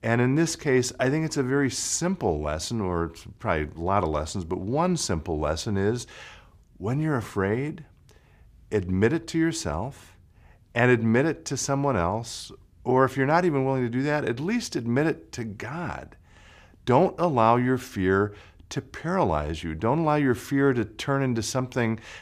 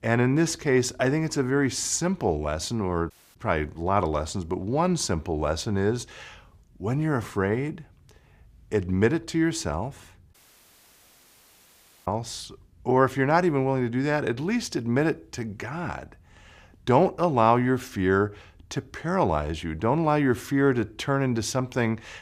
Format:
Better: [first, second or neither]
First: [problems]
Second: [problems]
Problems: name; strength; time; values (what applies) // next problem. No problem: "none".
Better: first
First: none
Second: audio cutting out; at 3 s and at 10 s for 1.5 s